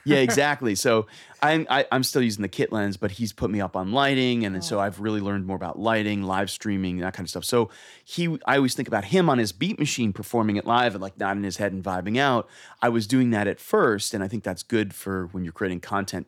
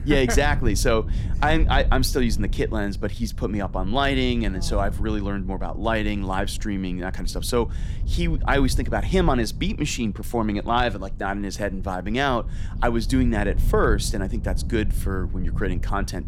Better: first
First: none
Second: low rumble; noticeable; throughout; 20 dB below the speech

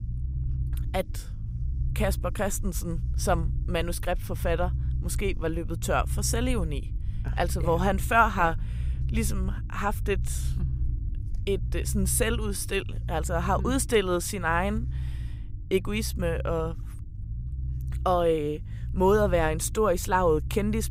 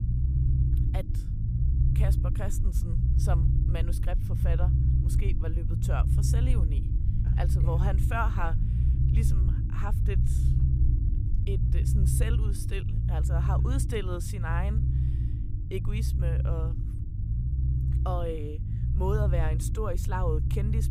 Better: first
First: low rumble; faint; throughout; 20 dB below the speech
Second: low rumble; loud; throughout; 5 dB below the speech

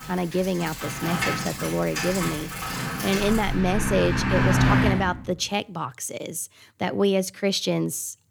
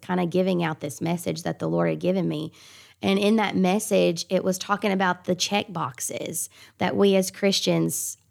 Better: second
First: traffic noise; very loud; until 5 s; as loud as the speech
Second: none

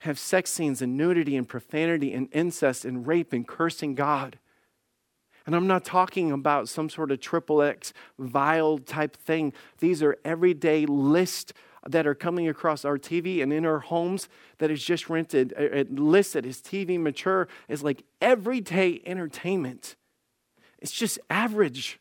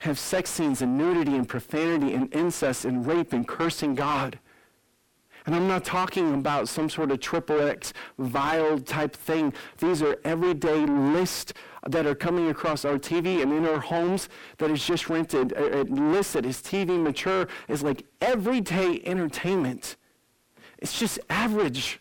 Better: first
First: none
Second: distortion; heavy; 5 dB below the speech

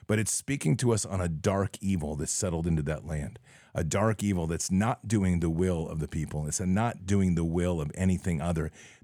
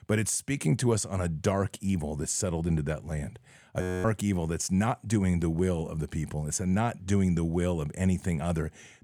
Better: first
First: none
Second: audio freezing; at 4 s

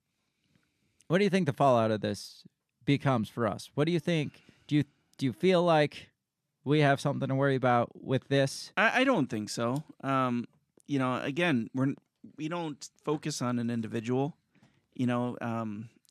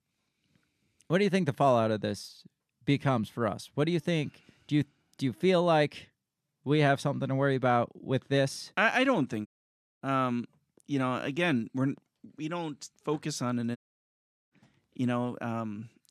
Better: first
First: none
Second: audio cutting out; at 9.5 s for 0.5 s and at 14 s for 1 s

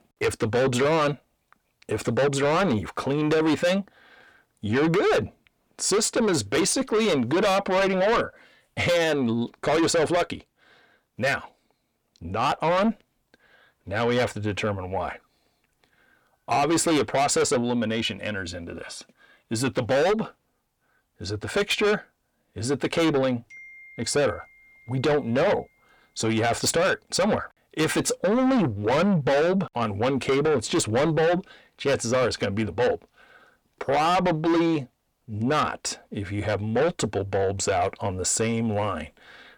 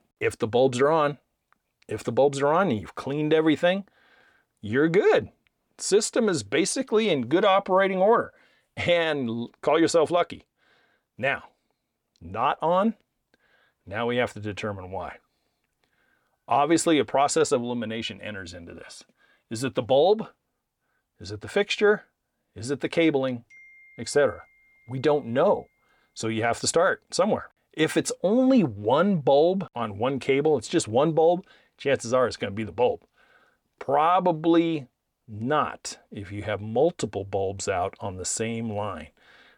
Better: second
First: distortion; heavy; 7 dB below the speech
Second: none

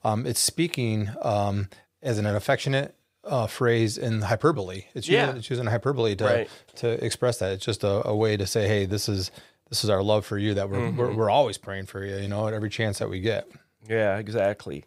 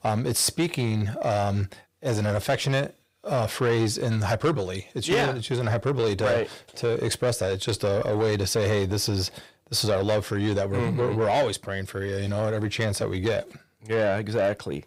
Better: first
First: none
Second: distortion; slight; 10 dB below the speech

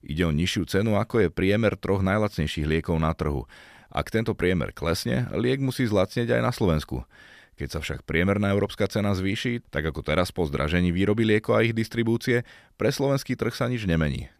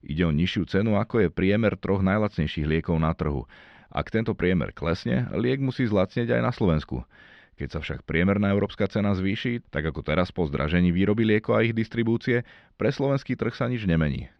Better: first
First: none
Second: muffled; very slightly; fading above 4 kHz

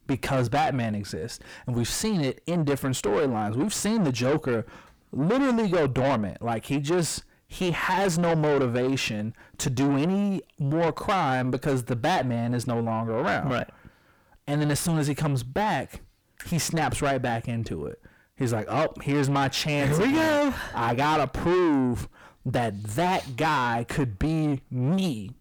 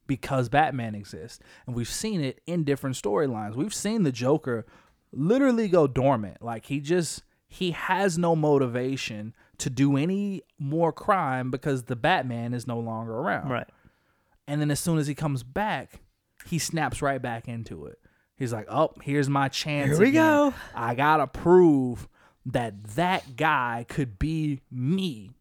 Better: second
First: distortion; heavy; 5 dB below the speech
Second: none

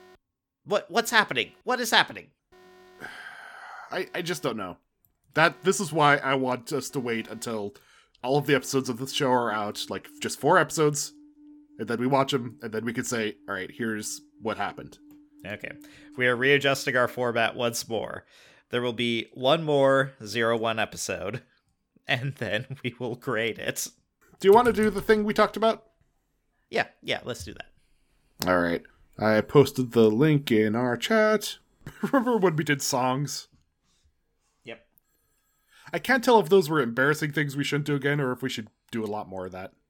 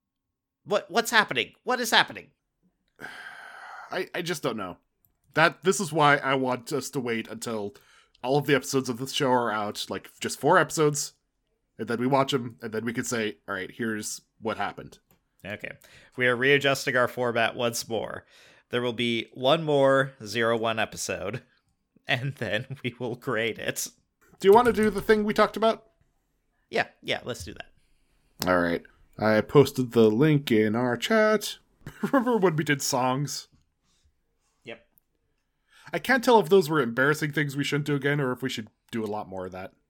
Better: second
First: alarms or sirens; faint; throughout; 30 dB below the speech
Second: none

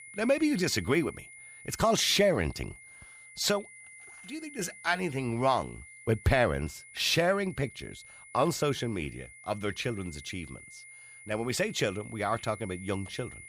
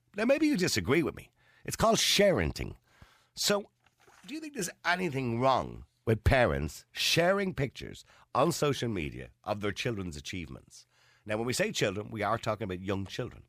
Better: second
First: high-pitched whine; noticeable; throughout; 2 kHz, 20 dB below the speech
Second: none

